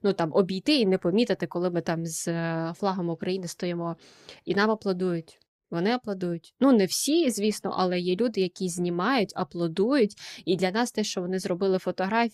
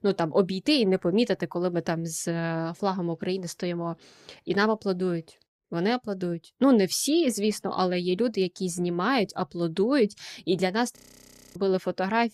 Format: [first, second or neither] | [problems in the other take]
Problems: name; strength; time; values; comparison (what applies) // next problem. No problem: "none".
first | audio freezing; at 11 s for 0.5 s